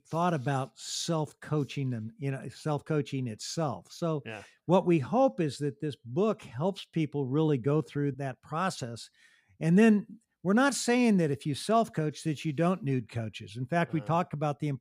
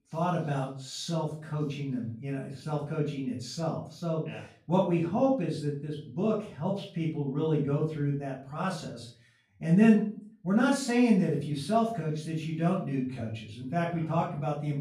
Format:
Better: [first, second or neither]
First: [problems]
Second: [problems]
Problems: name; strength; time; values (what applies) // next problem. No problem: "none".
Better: first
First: none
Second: room echo; noticeable; dies away in 0.4 s // off-mic speech; far